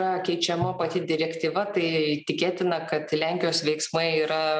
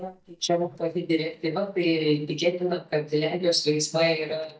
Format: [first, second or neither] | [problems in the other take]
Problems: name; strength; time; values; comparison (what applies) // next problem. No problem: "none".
first | noise reduction (neural mask model DeepFilterNet 3)